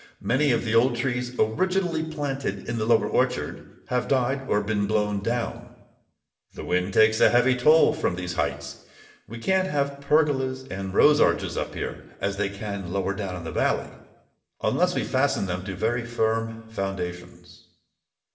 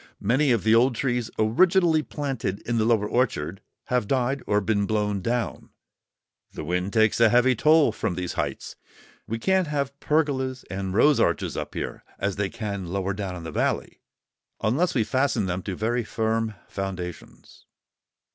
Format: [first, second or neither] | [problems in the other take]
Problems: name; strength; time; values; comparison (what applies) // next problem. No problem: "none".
second | room echo; dies away in 0.8 s